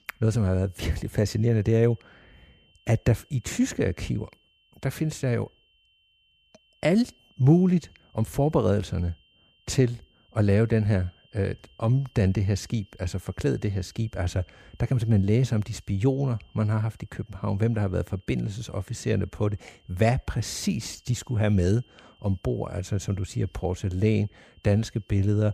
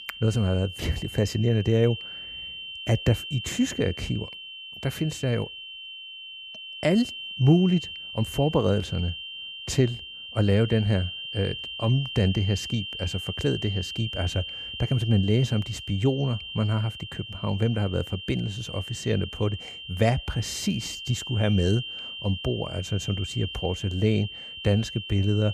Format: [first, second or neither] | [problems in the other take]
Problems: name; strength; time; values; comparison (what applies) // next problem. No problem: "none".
first | high-pitched whine; loud; throughout; 3 kHz, 9 dB below the speech; faint in the first